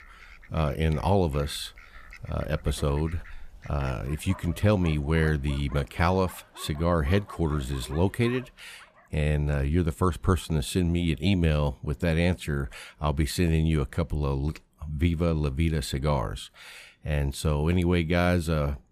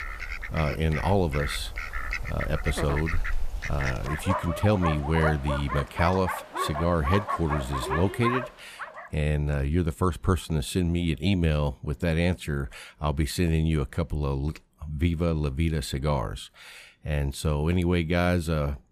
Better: first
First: animal sounds; faint; until 8.5 s; 20 dB below the speech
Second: animal sounds; loud; until 8.5 s; 6 dB below the speech

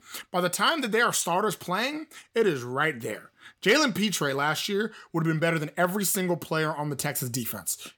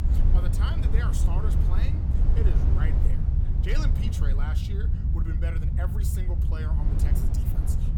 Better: first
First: none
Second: low rumble; loud; throughout; as loud as the speech

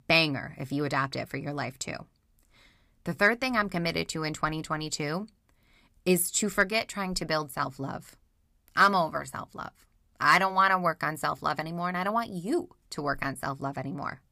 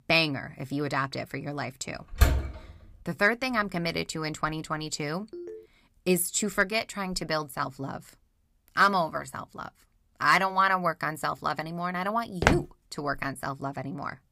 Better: first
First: none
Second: door banging; loud; at 2 s; peak 3 dB above the speech // phone ringing; faint; at 5.5 s; peak 15 dB below the speech // footsteps; loud; at 12 s; peak 3 dB above the speech

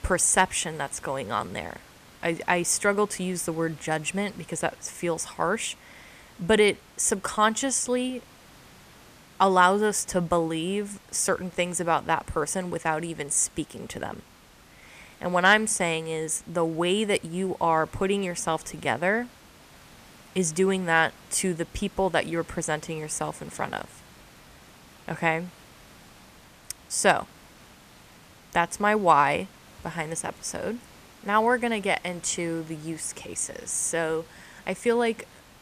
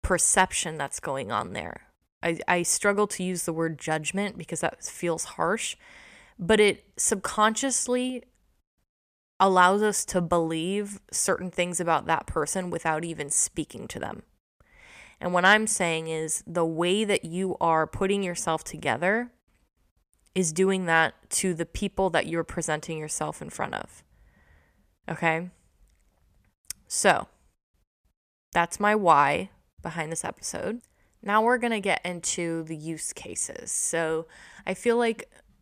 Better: second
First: hiss; faint; throughout; 25 dB below the speech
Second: none

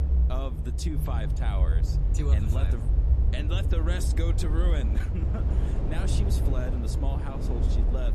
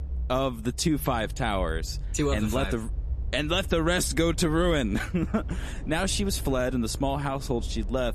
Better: second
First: low rumble; loud; throughout; 3 dB below the speech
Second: low rumble; faint; throughout; 25 dB below the speech

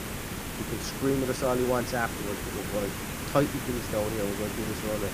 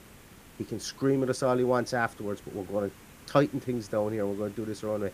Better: second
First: hiss; loud; throughout; 3 dB below the speech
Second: hiss; faint; throughout; 20 dB below the speech

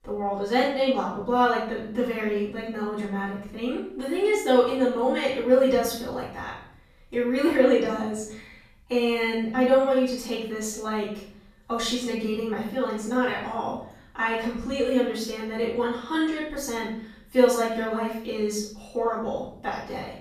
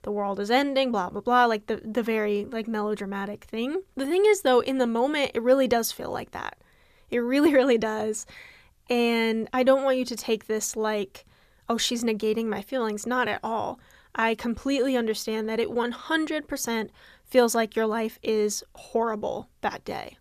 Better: second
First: off-mic speech; far // room echo; noticeable; dies away in 0.7 s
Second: none

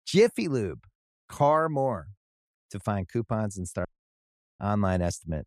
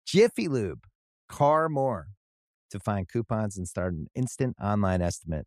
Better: second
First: audio cutting out; at 4 s for 0.5 s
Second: none

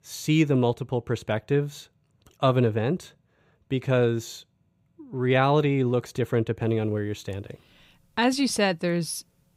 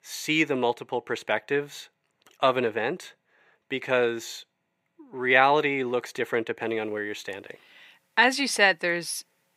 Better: first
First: none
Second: thin; somewhat; fading below 350 Hz

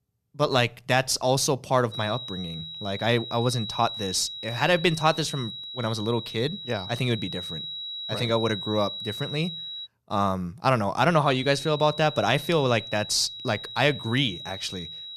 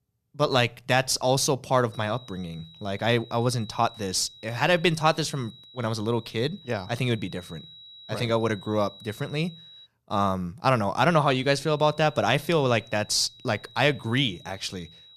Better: second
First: high-pitched whine; loud; from 2 to 10 s and from 11 s on; 4 kHz, 9 dB below the speech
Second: high-pitched whine; faint; from 2 to 10 s and from 11 s on; 4 kHz, 20 dB below the speech

